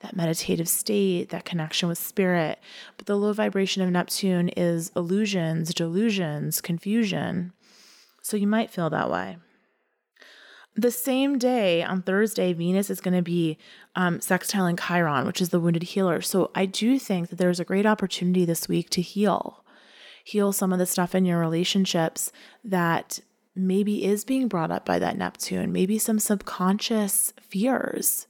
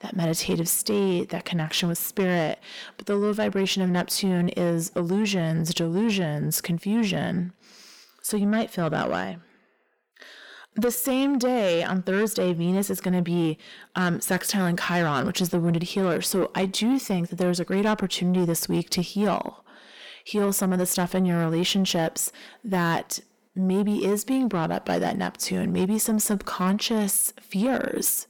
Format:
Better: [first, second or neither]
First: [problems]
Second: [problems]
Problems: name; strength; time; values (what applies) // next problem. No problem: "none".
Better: first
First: none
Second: distortion; slight; 10 dB below the speech